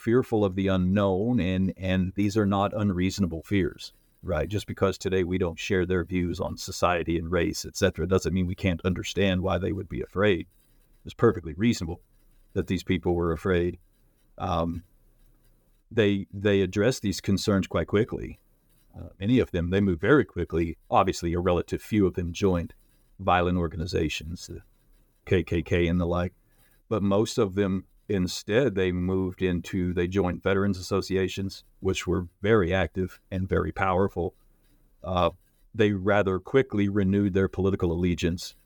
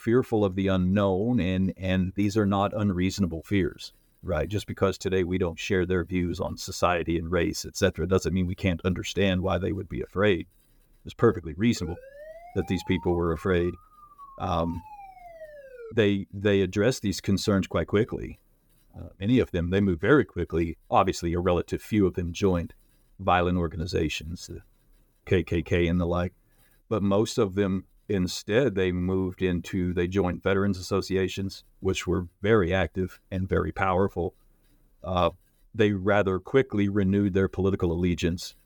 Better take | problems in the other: first | siren; faint; from 12 to 16 s; peak 15 dB below the speech

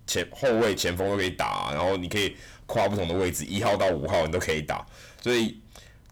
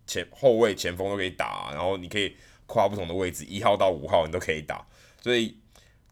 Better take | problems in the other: second | distortion; heavy; 6 dB below the speech

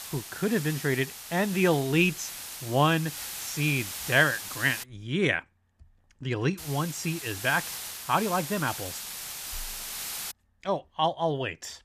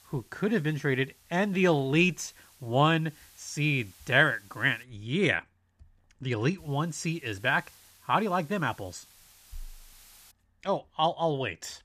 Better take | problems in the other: second | hiss; loud; until 5 s and from 6.5 to 10 s; 8 dB below the speech; faint in the second

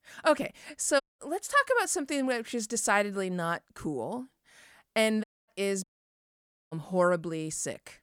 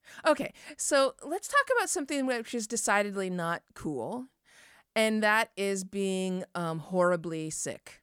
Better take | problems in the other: second | audio cutting out; at 1 s, at 5 s and at 6 s for 1 s

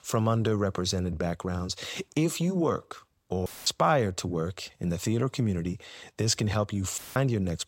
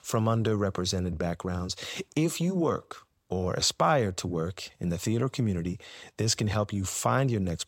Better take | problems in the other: second | audio cutting out; filled with static; at 3.5 s and at 7 s

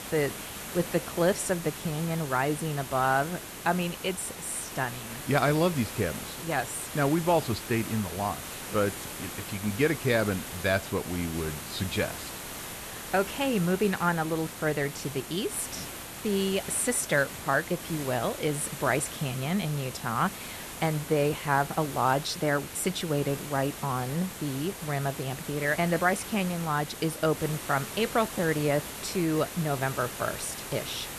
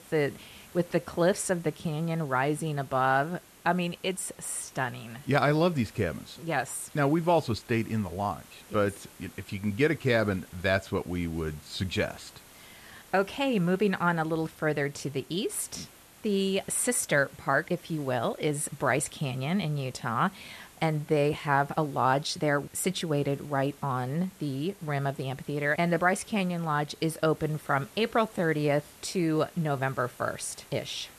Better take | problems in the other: second | hiss; loud; throughout; 9 dB below the speech; faint in the second

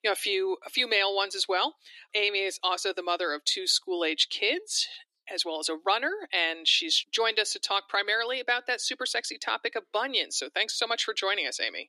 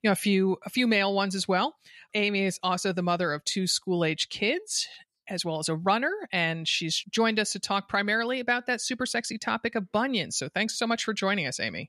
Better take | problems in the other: second | thin; very; fading below 300 Hz

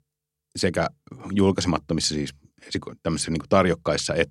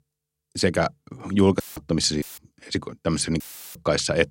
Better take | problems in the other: first | audio cutting out; filled with static; at 1.5 s, at 2 s and at 3.5 s

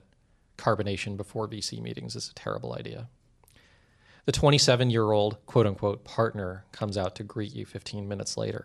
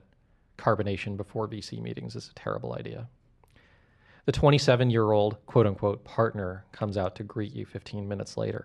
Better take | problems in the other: first | muffled; slightly; fading above 4 kHz

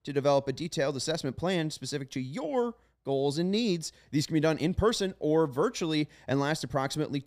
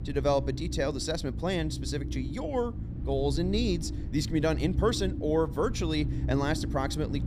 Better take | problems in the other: first | low rumble; noticeable; throughout; 15 dB below the speech

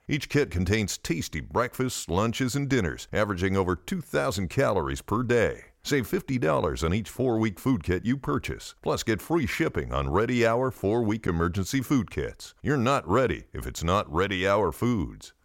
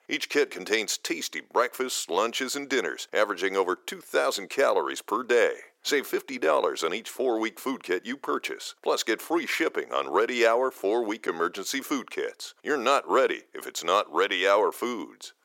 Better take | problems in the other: first | thin; somewhat; fading below 350 Hz

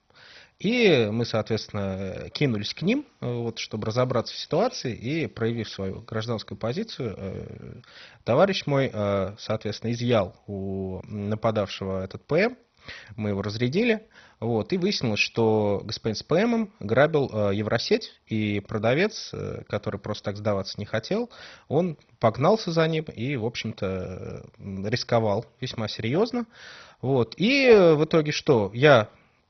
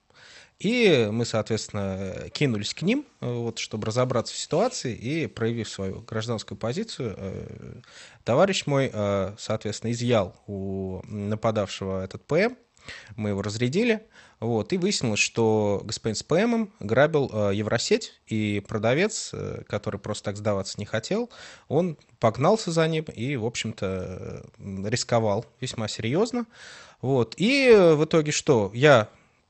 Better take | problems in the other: second | garbled, watery; badly; nothing above 6 kHz; slightly in the second

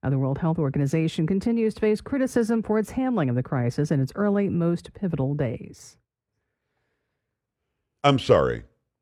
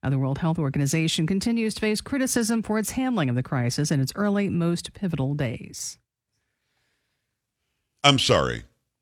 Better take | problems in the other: second | muffled; slightly; fading above 2.5 kHz

